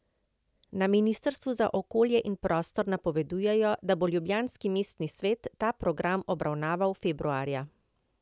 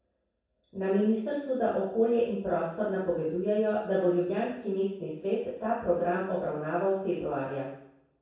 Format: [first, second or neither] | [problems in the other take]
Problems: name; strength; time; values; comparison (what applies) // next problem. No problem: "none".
first | room echo; dies away in 0.7 s